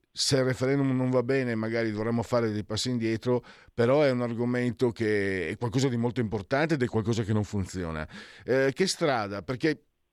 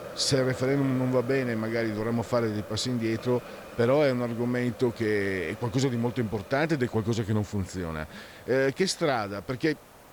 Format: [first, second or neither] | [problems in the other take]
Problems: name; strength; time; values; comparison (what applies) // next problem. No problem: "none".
first | hiss; noticeable; throughout; 15 dB below the speech